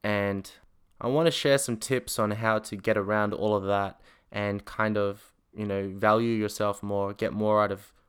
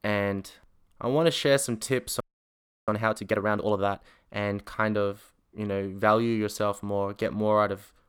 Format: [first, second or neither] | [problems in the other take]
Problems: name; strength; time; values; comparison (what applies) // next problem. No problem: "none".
first | audio freezing; at 2 s for 0.5 s